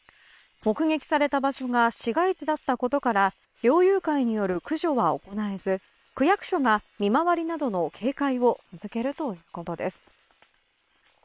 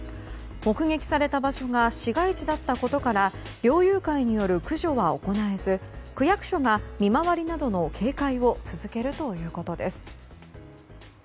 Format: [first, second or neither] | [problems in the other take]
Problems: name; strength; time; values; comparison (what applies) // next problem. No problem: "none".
second | noise reduction (neural separator model SepFormer WHAM!)